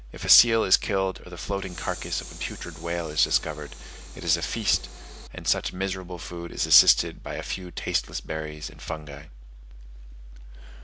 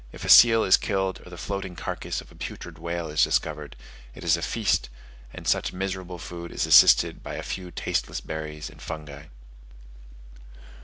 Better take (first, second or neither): second